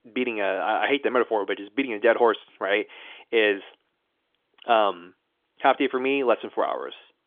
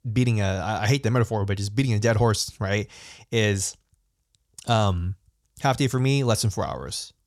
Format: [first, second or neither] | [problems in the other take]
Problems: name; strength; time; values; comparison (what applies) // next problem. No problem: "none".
second | phone-call audio; nothing above 3.5 kHz